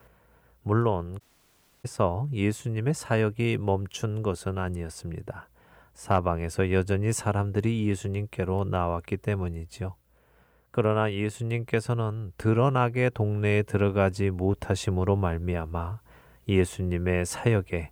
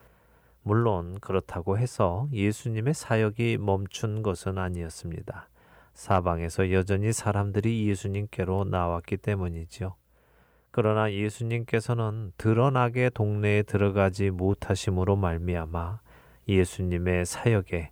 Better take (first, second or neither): second